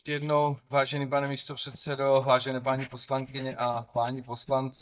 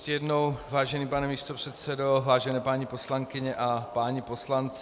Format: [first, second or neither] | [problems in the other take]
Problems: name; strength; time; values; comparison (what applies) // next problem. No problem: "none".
second | noise reduction (neural mask model DeepFilterNet 3)